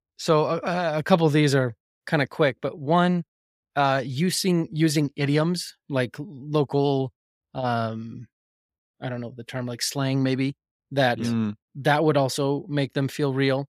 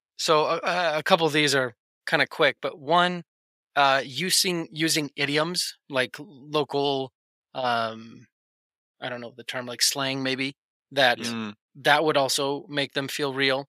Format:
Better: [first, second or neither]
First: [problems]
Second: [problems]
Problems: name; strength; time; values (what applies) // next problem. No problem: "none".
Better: first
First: none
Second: thin; somewhat; fading below 950 Hz